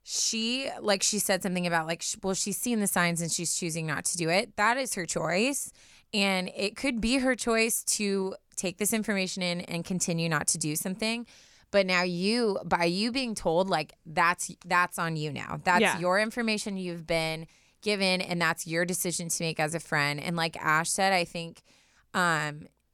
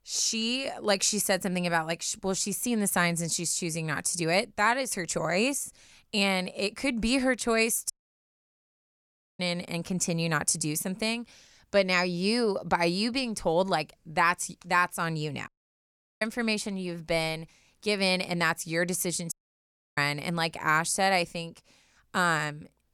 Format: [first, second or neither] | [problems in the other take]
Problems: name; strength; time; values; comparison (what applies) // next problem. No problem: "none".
first | audio cutting out; at 8 s for 1.5 s, at 15 s for 0.5 s and at 19 s for 0.5 s